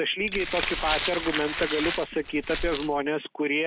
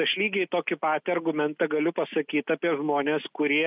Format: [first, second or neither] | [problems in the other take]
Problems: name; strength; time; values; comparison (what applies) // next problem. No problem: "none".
second | background sound (Glass); 5 dB below the speech